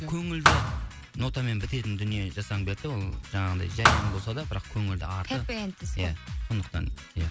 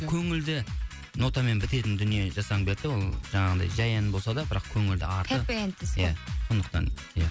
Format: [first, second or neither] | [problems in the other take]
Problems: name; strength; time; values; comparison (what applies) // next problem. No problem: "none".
second | background sound (Thump, thud); 3 dB above the speech